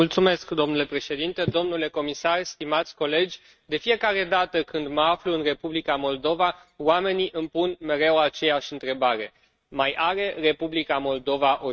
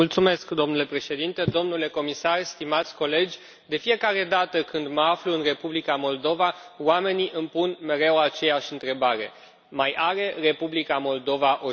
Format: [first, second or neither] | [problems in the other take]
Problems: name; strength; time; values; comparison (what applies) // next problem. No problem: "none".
second | noise reduction (neural mask model RNNoise)